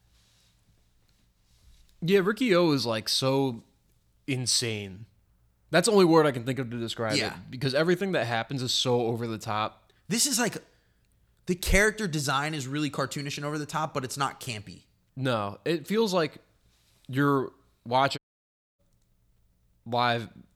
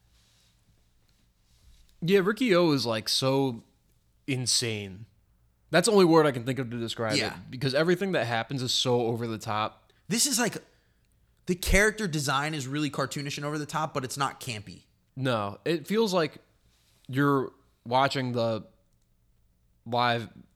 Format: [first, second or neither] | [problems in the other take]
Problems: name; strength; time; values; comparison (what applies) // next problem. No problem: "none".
second | audio cutting out; at 18 s for 0.5 s